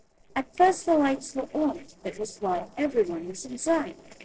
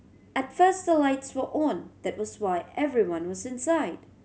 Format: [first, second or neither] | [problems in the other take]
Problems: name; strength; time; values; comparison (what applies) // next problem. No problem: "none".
second | noise reduction (neural separator model SepFormer DNS4)